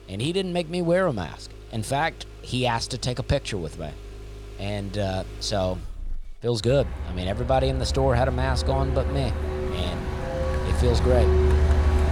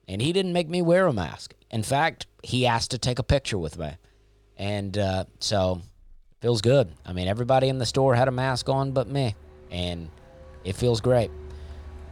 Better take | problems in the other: second | traffic noise; loud; throughout; as loud as the speech; faint in the second

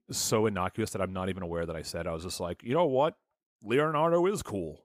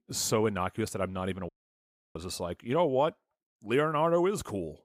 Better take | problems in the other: first | audio cutting out; at 1.5 s for 0.5 s

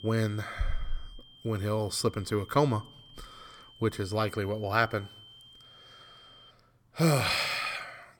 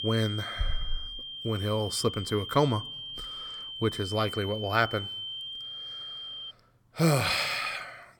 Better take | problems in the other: first | high-pitched whine; loud; until 6.5 s; 3 kHz, 8 dB below the speech; faint in the first

